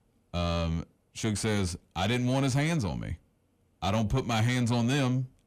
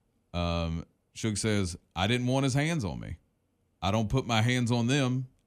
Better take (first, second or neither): second